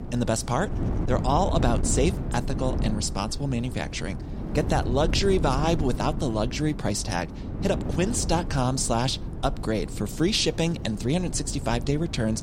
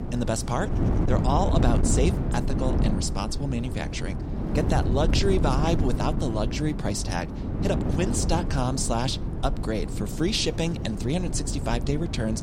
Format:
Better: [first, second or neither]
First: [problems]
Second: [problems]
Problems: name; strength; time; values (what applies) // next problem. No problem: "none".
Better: first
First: wind noise on the microphone; occasional gusts; 10 dB below the speech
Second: wind noise on the microphone; heavy; 7 dB below the speech